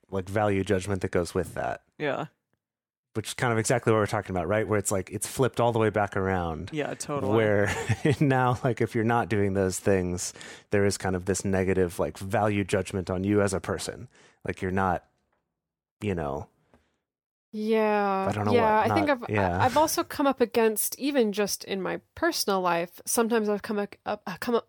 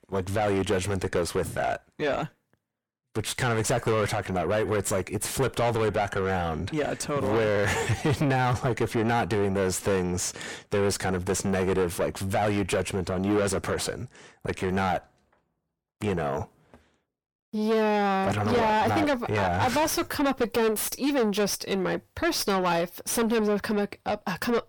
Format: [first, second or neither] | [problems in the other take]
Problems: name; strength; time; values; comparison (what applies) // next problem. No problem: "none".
first | distortion; heavy; 4 dB below the speech